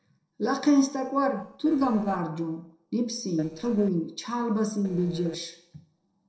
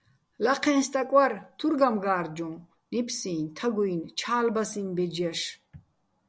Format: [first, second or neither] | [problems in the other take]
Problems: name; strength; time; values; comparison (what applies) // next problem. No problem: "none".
second | noise reduction (neural separator model SepFormer DNS4)